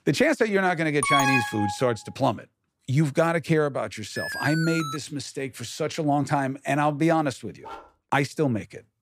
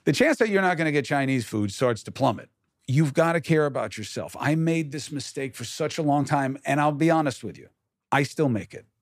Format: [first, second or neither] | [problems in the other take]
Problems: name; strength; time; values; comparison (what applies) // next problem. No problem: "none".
second | alarm; loud; at 1 s; peak 4 dB above the speech // alarm; noticeable; at 4 s; peak 5 dB below the speech // dog barking; faint; at 7.5 s; peak 15 dB below the speech